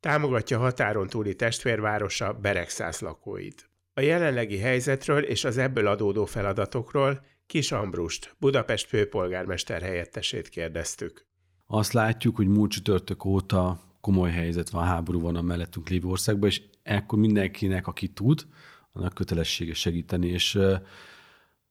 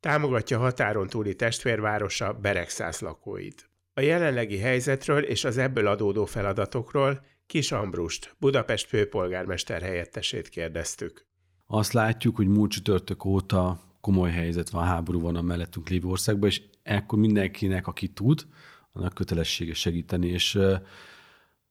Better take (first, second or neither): neither